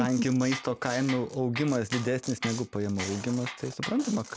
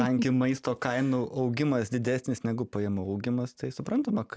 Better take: second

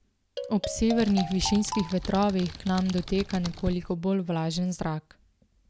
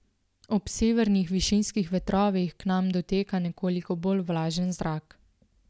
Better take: second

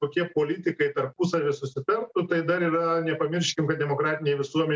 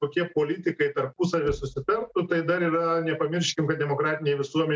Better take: first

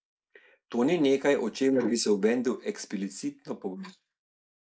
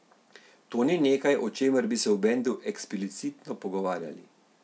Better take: second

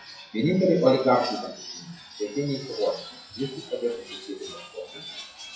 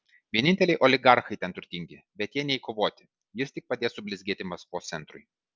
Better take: second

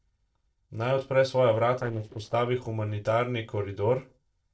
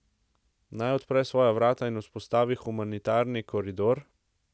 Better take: second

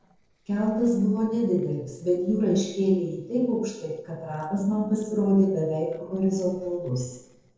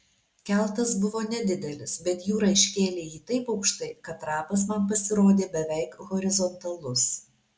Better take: second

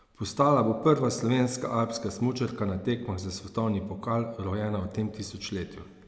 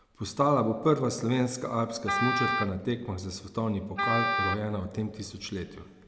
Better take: first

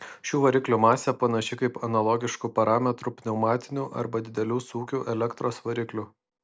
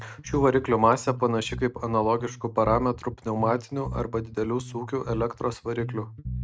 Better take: first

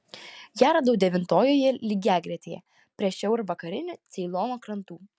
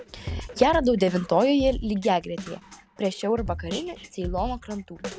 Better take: first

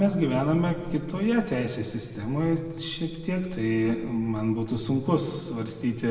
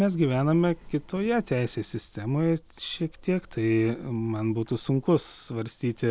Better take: second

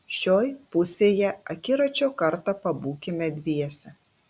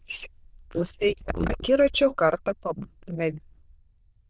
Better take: first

